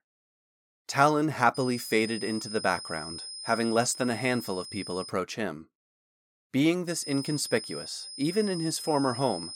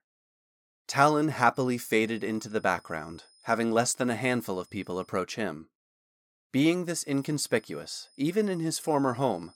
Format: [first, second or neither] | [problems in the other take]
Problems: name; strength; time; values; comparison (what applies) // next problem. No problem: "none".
second | high-pitched whine; loud; from 1.5 to 5 s and from 7 s on; 5 kHz, 10 dB below the speech; faint in the second